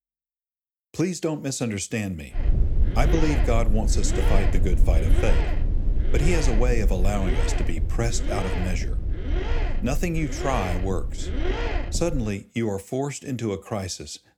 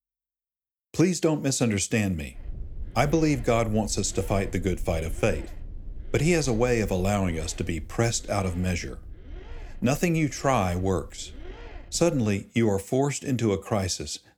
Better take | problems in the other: second | low rumble; loud; from 2.5 to 12 s; 5 dB below the speech; faint in the second

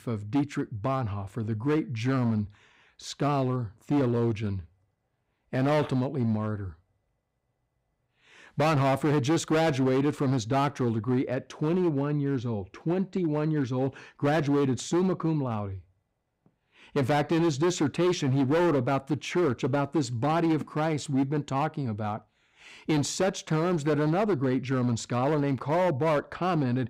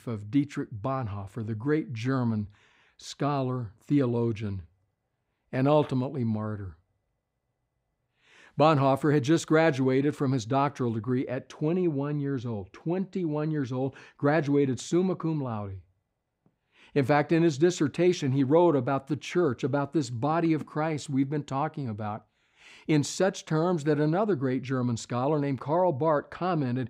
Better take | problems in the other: second | distortion; slight; 10% of the sound clipped

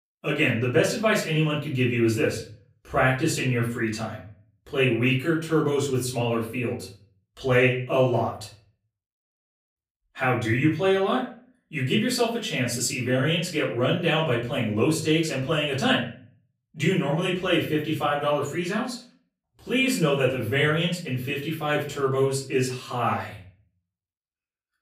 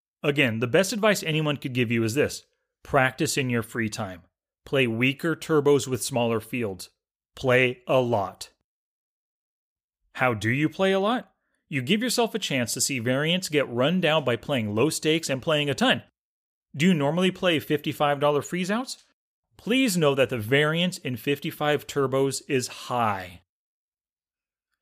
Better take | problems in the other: second | off-mic speech; far // room echo; slight; dies away in 0.4 s

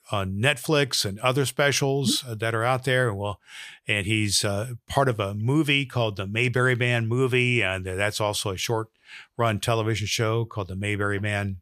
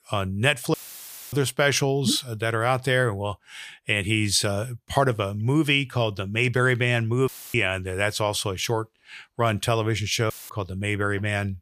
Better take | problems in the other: first | audio cutting out; filled with static; at 0.5 s for 0.5 s, at 7.5 s and at 10 s

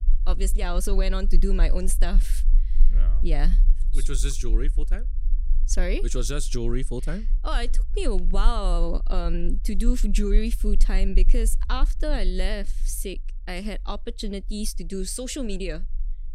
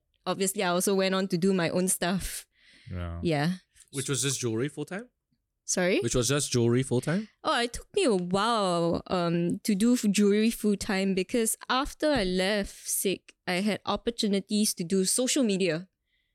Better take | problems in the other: second | low rumble; faint; throughout; 20 dB below the speech

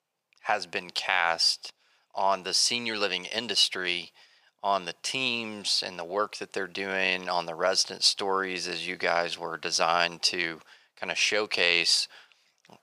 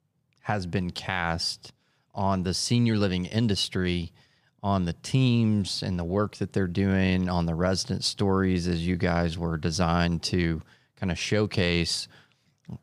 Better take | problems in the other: second | thin; very; fading below 650 Hz

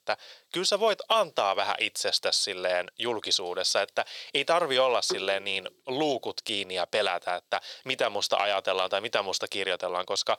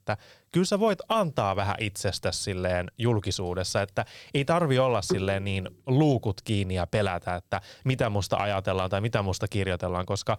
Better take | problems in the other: second | thin; very; fading below 500 Hz

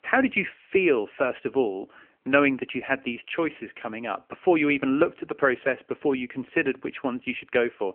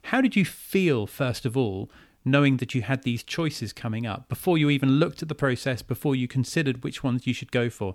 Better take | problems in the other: second | phone-call audio

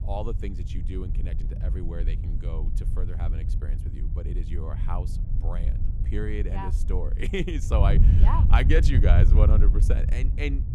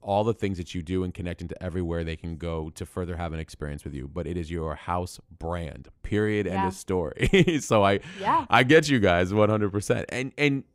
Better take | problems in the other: second | wind noise on the microphone; heavy; 8 dB below the speech

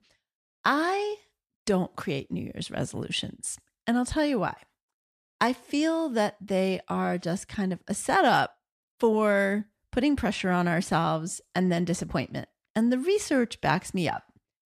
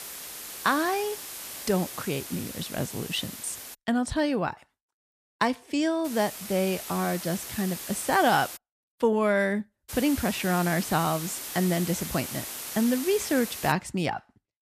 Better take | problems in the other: first | hiss; loud; until 3.5 s, from 6 to 8.5 s and from 10 to 14 s; 8 dB below the speech

